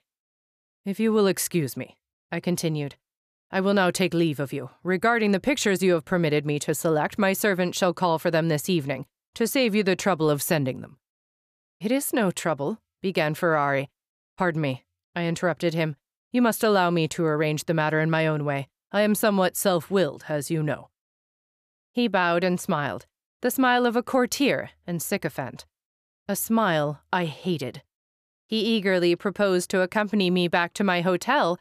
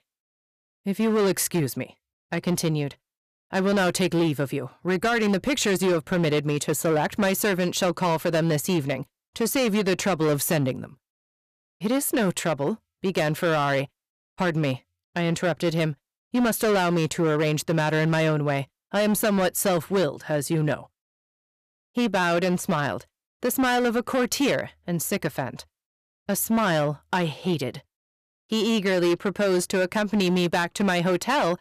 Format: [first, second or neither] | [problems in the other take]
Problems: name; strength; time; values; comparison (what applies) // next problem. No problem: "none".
first | distortion; slight; 12% of the sound clipped